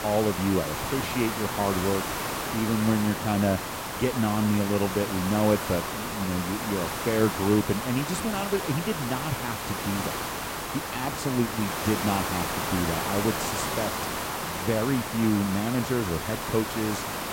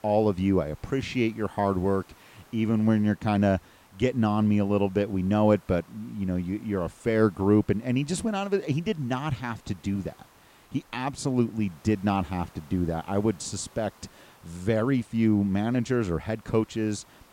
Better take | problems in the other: second | hiss; loud; throughout; 3 dB below the speech; faint in the second

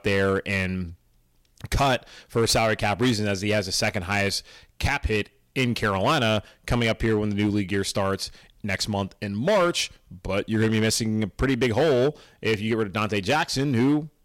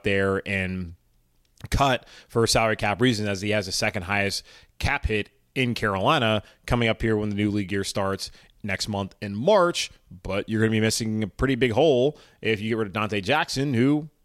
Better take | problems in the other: second | distortion; slight; 6% of the sound clipped

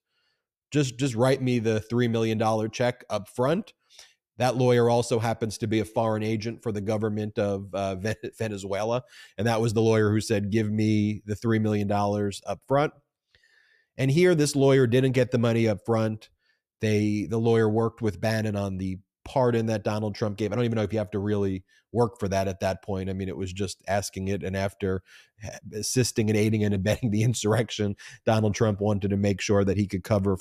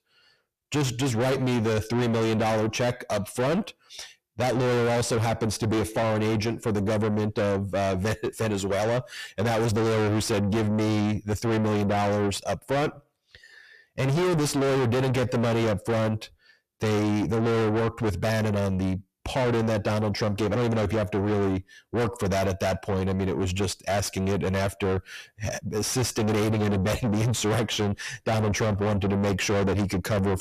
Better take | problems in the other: first | distortion; heavy; 5 dB below the speech

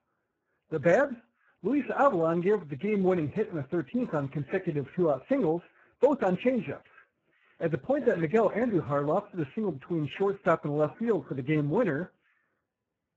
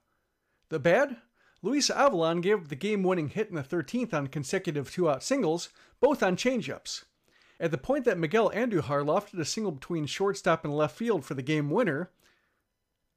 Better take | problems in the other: second | garbled, watery; badly; nothing above 7.5 kHz

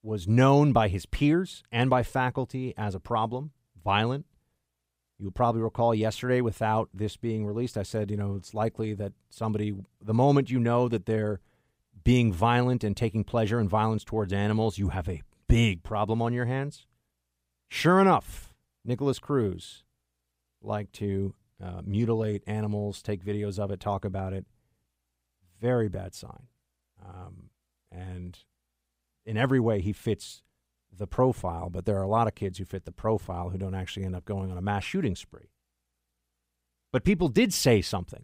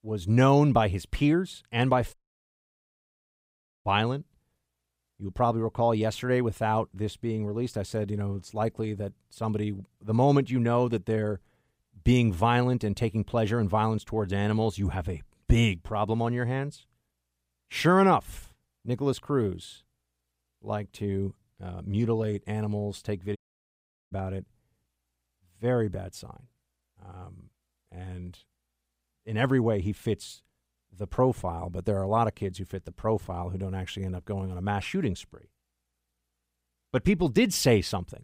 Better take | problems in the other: first | audio cutting out; at 2 s for 1.5 s and at 23 s for 1 s

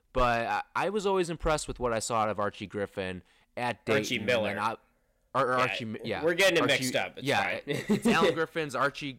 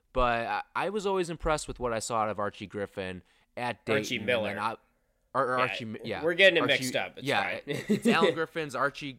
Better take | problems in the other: second | distortion; slight; 2% of the sound clipped

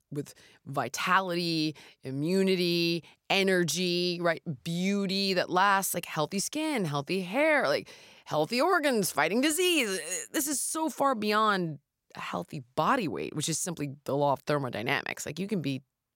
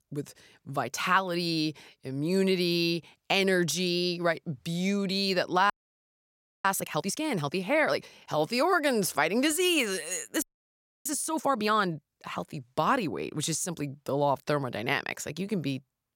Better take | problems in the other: first | audio freezing; at 5.5 s for 1 s and at 10 s for 0.5 s

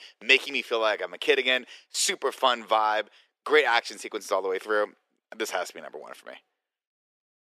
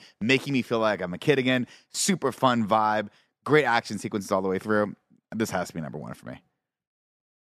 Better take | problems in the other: second | thin; very; fading below 400 Hz

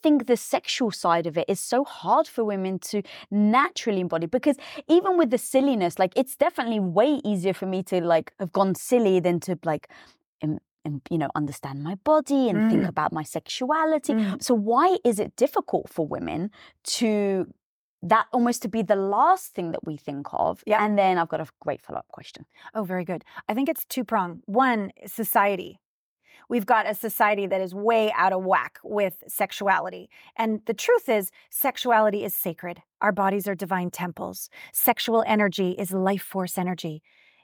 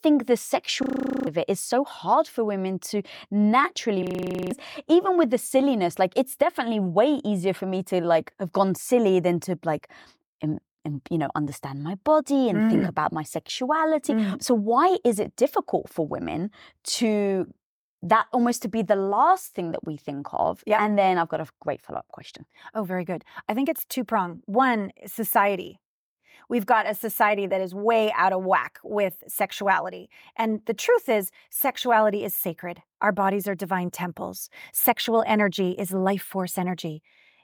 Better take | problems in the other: first | audio freezing; at 1 s and at 4 s

